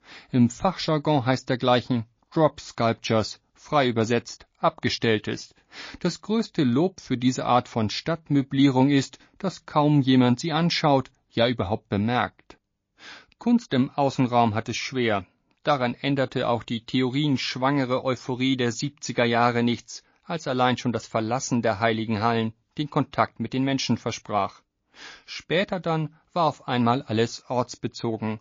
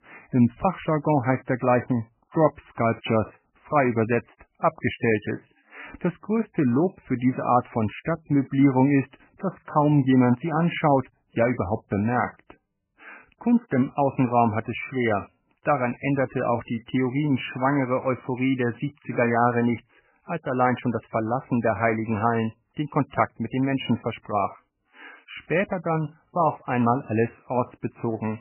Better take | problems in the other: first | garbled, watery; badly; nothing above 3 kHz; slightly in the first

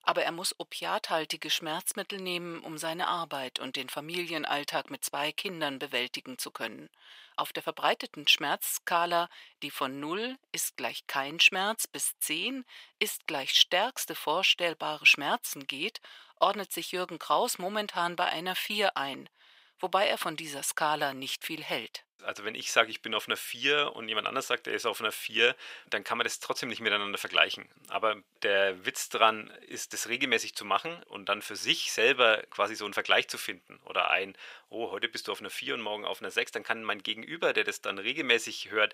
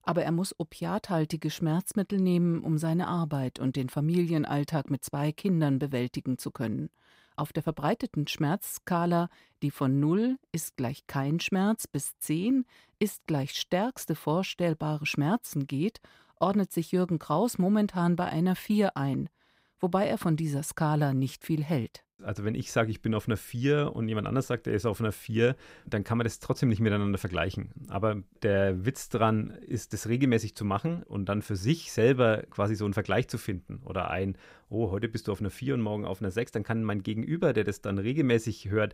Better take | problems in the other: second | thin; very; fading below 700 Hz

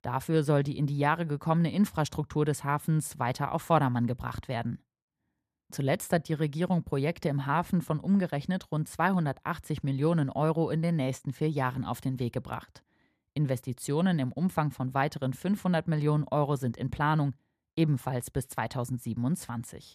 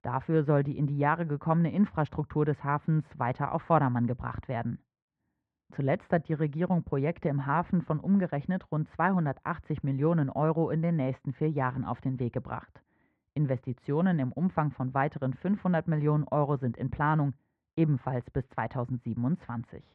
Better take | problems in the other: first | muffled; very; fading above 2 kHz

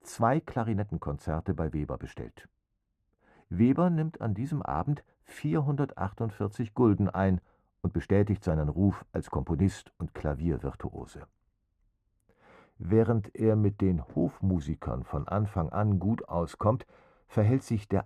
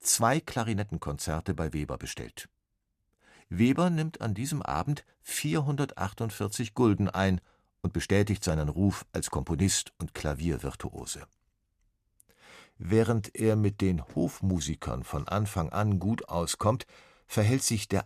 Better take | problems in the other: second | muffled; very; fading above 2.5 kHz

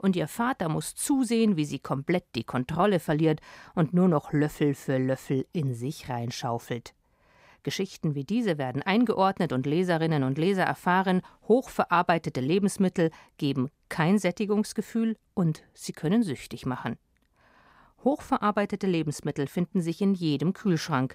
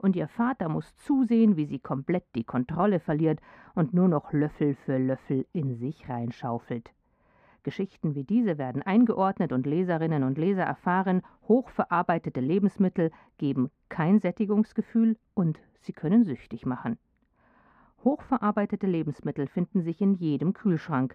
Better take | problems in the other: first | muffled; very; fading above 4 kHz

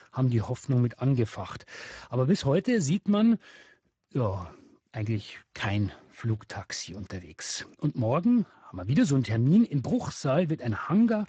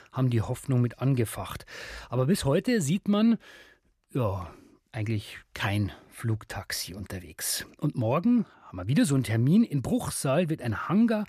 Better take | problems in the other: second | garbled, watery; badly; nothing above 7.5 kHz

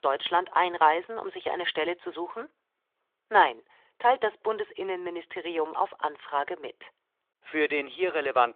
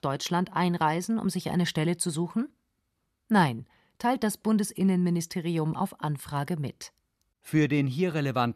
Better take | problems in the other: second | phone-call audio; nothing above 3.5 kHz

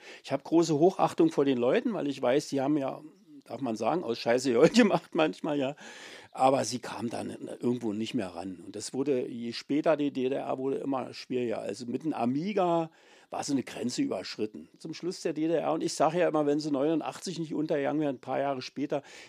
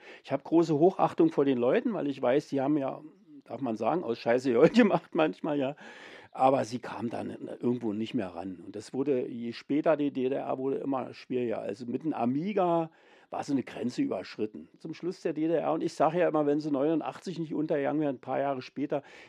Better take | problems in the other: first | muffled; slightly; fading above 4 kHz

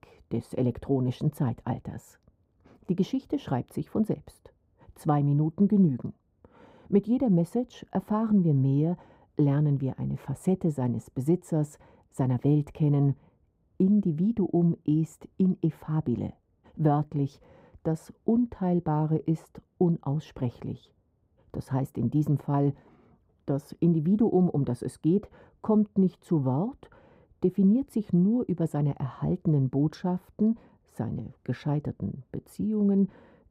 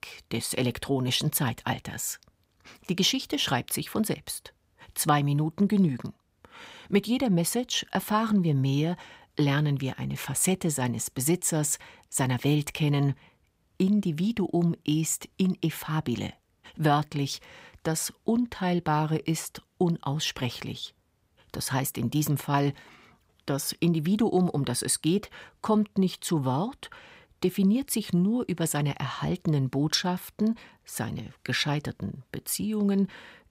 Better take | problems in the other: second | muffled; very; fading above 1.5 kHz

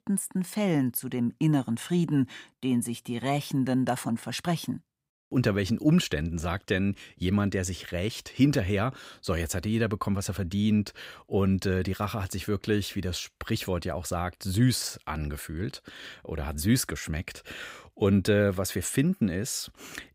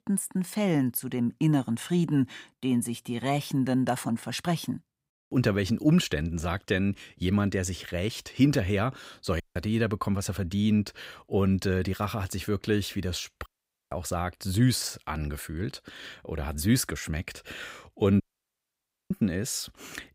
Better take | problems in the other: first | audio cutting out; at 9.5 s, at 13 s and at 18 s for 1 s

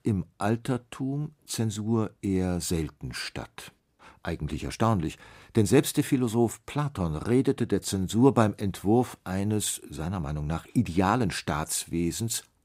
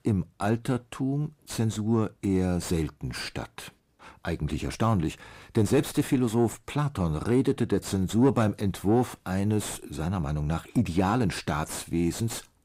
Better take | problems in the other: first | distortion; slight; 10 dB below the speech

